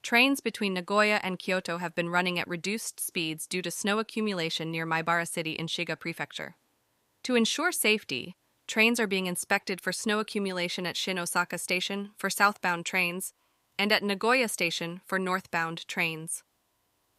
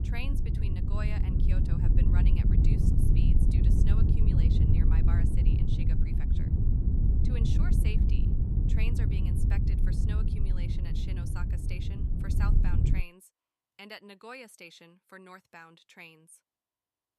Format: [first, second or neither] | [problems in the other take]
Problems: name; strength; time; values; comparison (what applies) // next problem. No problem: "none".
first | wind noise on the microphone; heavy; until 13 s; 4 dB above the speech